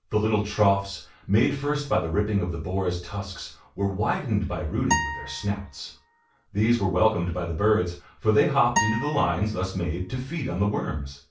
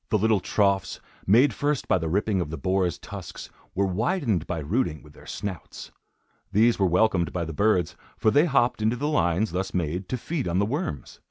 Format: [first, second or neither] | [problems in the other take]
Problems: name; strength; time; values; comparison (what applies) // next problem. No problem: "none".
second | background sound (Acoustic guitar); 6 dB below the speech // room echo; dies away in 0.3 s